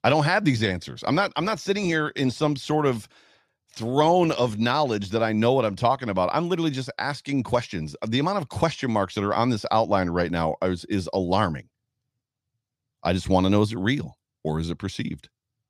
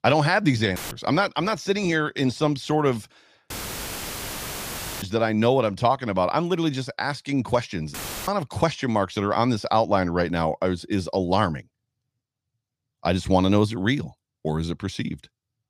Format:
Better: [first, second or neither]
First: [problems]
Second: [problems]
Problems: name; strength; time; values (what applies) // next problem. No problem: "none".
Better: first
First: none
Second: audio cutting out; filled with static; at 1 s, at 3.5 s for 1.5 s and at 8 s